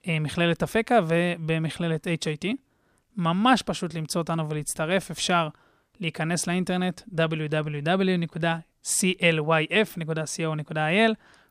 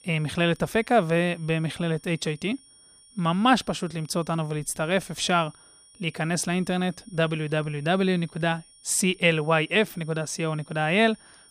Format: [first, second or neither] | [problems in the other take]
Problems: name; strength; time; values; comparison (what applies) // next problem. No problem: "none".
first | high-pitched whine; faint; throughout; 9.5 kHz, 25 dB below the speech